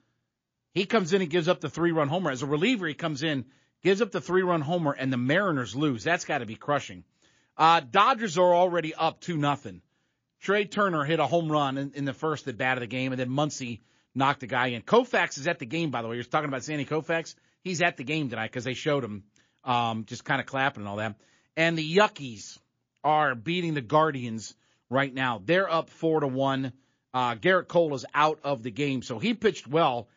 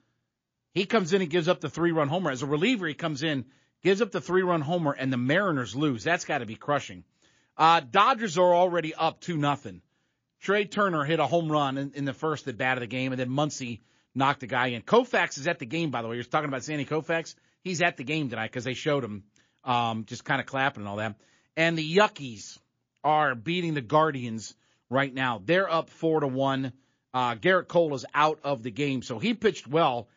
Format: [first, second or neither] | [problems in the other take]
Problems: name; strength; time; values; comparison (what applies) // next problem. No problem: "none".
neither | garbled, watery; slightly; the same in both